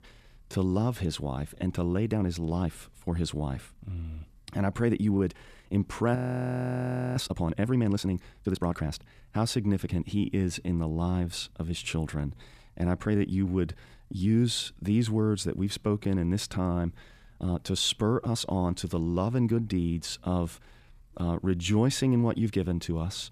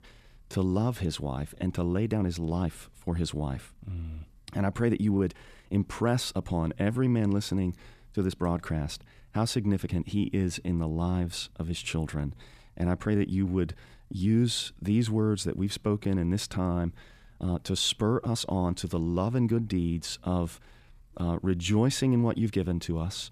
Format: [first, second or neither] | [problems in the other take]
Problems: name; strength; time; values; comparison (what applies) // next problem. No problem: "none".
second | audio freezing; at 6 s for 1 s